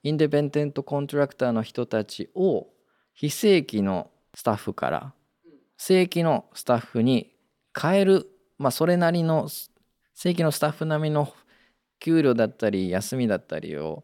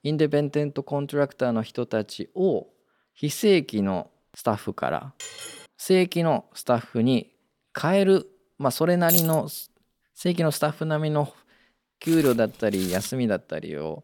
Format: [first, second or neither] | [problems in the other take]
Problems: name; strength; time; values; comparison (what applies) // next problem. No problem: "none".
first | clattering dishes; faint; at 5 s; peak 10 dB below the speech // jangling keys; loud; at 9 s; peak 4 dB above the speech // footsteps; noticeable; from 12 to 13 s; peak 9 dB below the speech